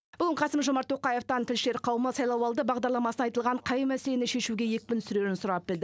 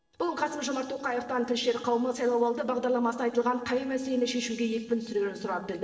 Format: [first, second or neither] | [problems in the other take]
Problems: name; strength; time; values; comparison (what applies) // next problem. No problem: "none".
first | noise reduction (neural separator model SepFormer DNS4)